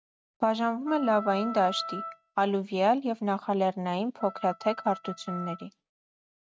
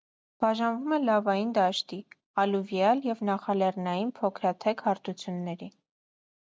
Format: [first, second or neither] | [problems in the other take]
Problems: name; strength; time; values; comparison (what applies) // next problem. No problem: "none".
second | noise reduction (neural mask model RNNoise)